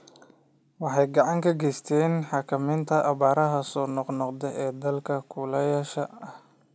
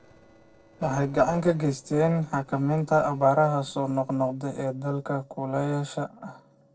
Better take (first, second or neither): first